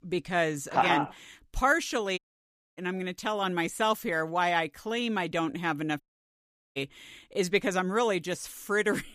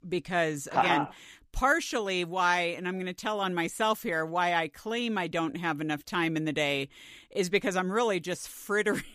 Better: second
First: audio cutting out; at 2 s for 0.5 s and at 6 s for 1 s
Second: none

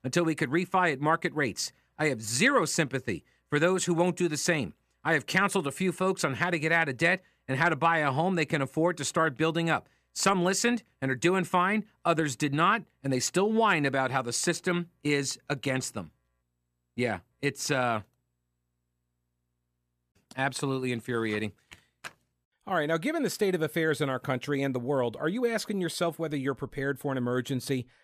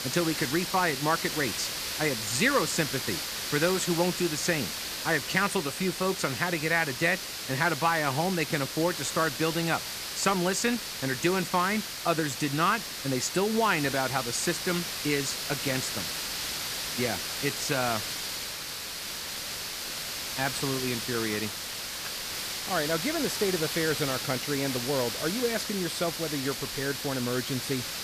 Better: first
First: none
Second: hiss; loud; throughout; 3 dB below the speech

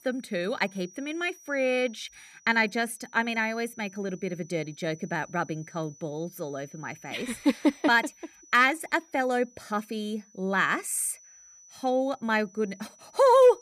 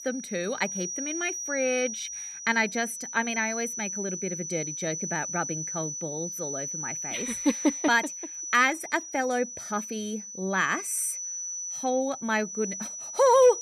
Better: first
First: high-pitched whine; faint; throughout; 6 kHz, 25 dB below the speech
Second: high-pitched whine; loud; throughout; 6 kHz, 5 dB below the speech

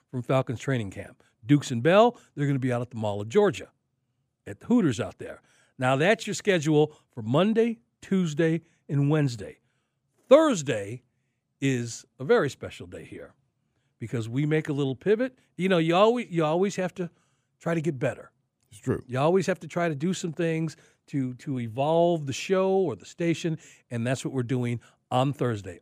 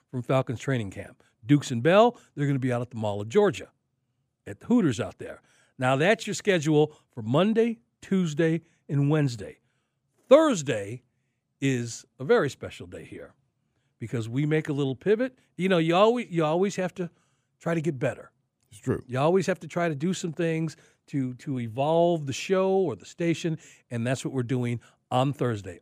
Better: neither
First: none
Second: none

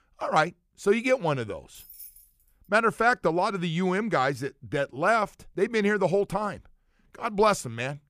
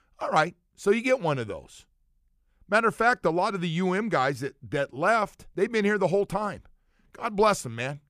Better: second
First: jangling keys; faint; at 2 s; peak 20 dB below the speech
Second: none

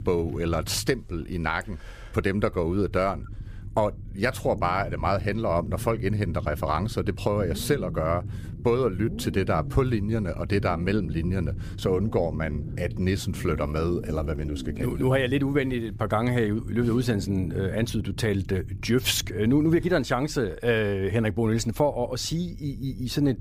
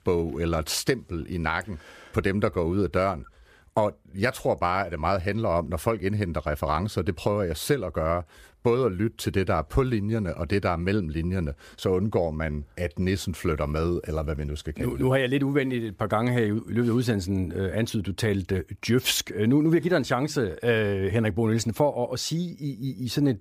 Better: second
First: low rumble; noticeable; throughout; 20 dB below the speech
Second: none

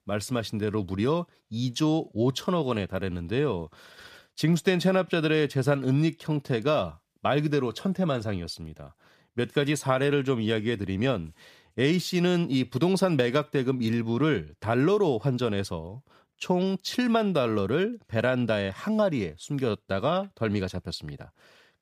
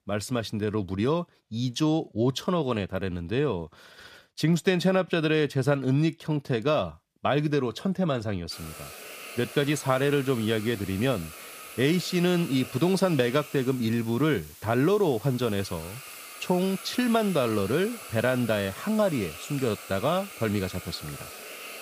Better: first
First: none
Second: hiss; noticeable; from 8.5 s on; 15 dB below the speech

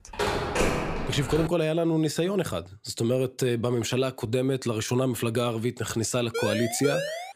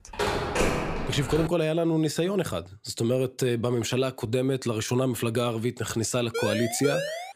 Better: neither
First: phone ringing; loud; until 1.5 s; peak 1 dB above the speech // siren; noticeable; at 6.5 s; peak 3 dB below the speech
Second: phone ringing; loud; until 1.5 s; peak 1 dB above the speech // siren; noticeable; at 6.5 s; peak 3 dB below the speech

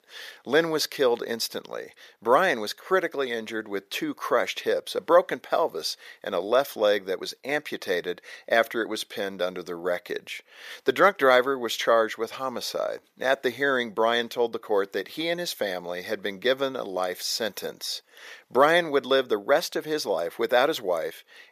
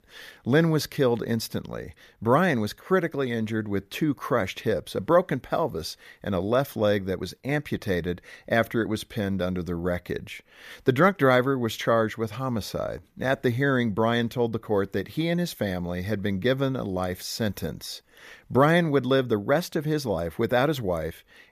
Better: second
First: thin; somewhat; fading below 500 Hz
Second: none

